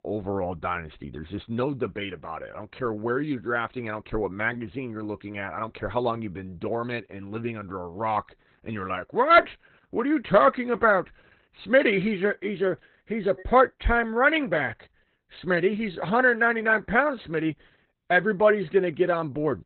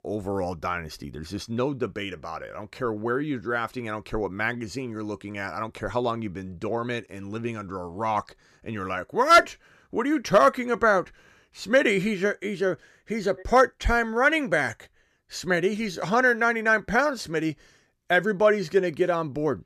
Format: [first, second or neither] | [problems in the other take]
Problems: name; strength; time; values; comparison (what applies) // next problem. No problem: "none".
second | garbled, watery; badly; nothing above 4 kHz